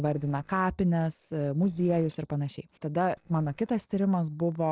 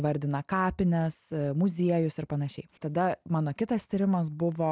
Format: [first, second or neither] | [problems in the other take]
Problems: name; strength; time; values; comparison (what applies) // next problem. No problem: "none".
second | noise reduction (neural separator model SepFormer DNS4)